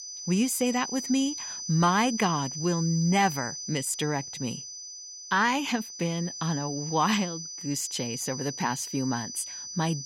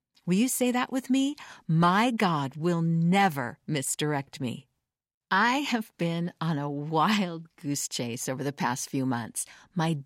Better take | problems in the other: second | high-pitched whine; loud; throughout; 6 kHz, 7 dB below the speech

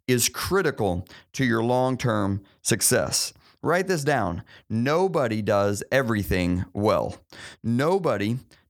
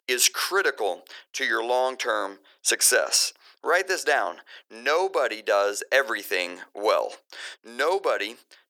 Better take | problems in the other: first | thin; very; fading below 400 Hz

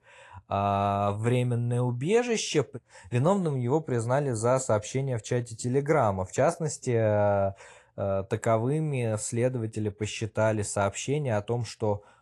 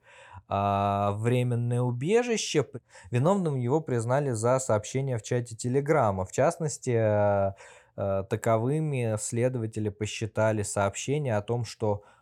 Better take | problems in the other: second | garbled, watery; slightly

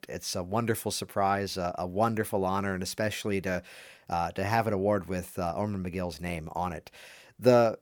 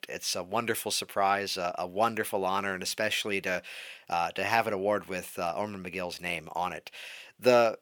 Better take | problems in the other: first | thin; very slightly; fading below 1 kHz

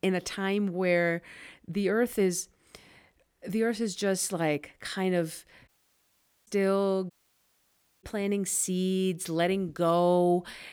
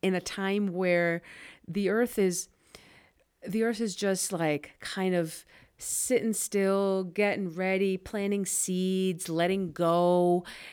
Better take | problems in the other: second | audio cutting out; at 5.5 s for 1 s and at 7 s for 1 s

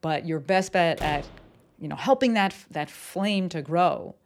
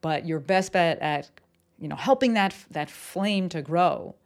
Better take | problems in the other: second | door banging; faint; at 1 s; peak 10 dB below the speech

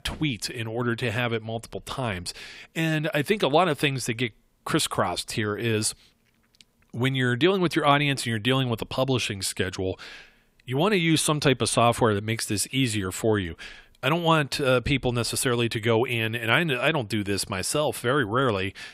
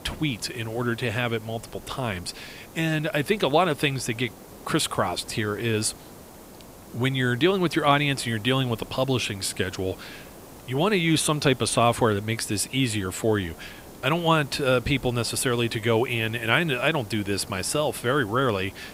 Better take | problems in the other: first | hiss; noticeable; throughout; 20 dB below the speech

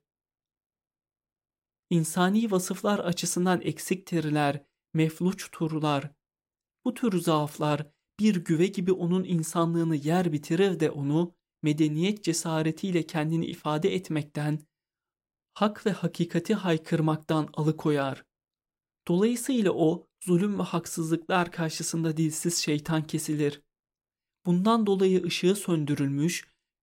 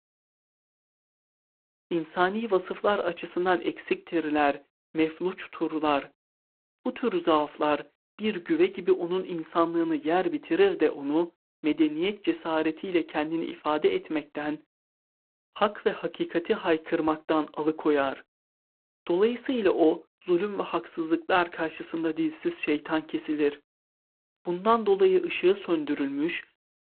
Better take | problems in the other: first | phone-call audio; poor line

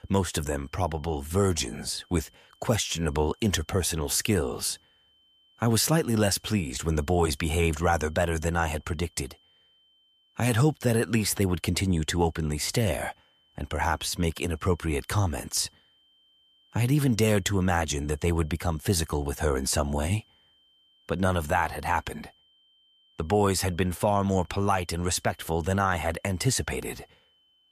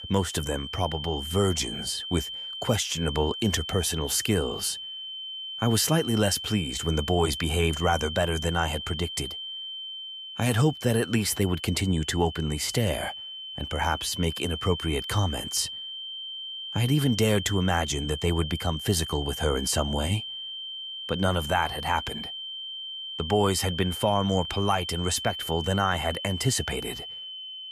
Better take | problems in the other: first | high-pitched whine; loud; throughout; 3 kHz, 7 dB below the speech; faint in the first

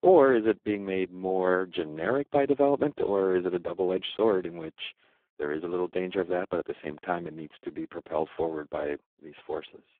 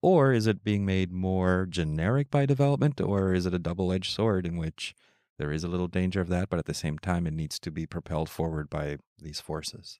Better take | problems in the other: second | phone-call audio; poor line

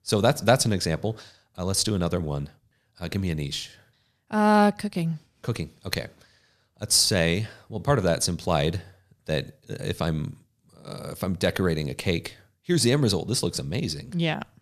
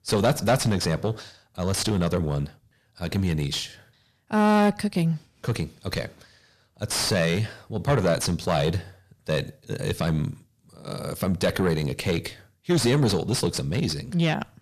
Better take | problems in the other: first | distortion; heavy; 7 dB below the speech

